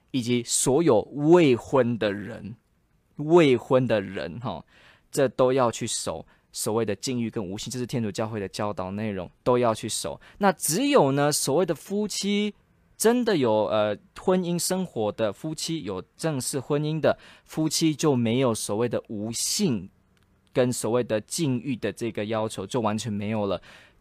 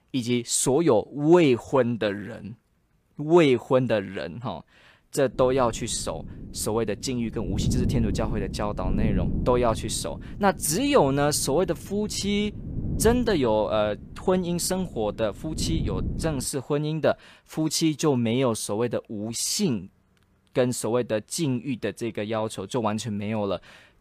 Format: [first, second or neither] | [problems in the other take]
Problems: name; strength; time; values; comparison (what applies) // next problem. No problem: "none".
first | wind noise on the microphone; occasional gusts; from 5.5 to 16 s; 15 dB below the speech